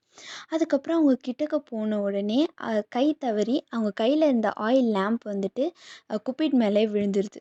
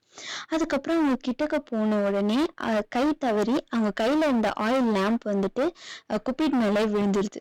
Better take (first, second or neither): first